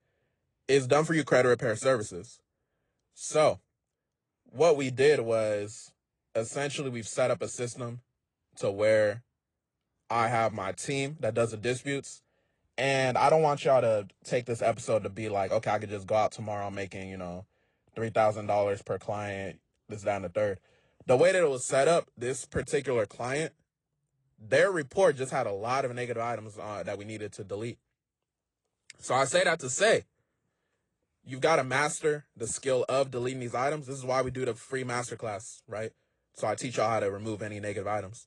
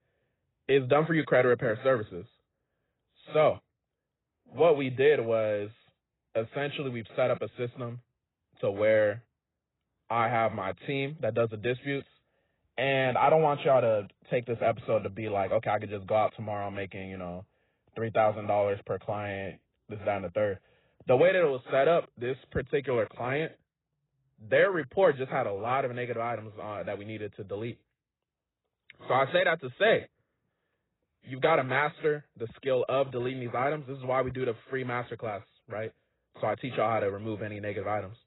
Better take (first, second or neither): first